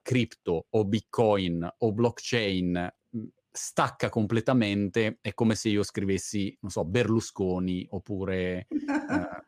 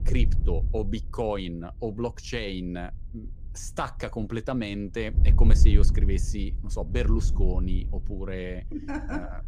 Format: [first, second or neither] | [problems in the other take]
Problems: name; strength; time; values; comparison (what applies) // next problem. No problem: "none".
first | wind noise on the microphone; occasional gusts; 10 dB below the speech